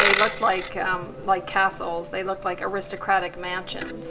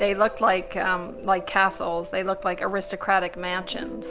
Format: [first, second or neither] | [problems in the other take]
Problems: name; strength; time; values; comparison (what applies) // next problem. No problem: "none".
second | background sound (Coin (dropping)); 5 dB below the speech // room echo; dies away in 0.3 s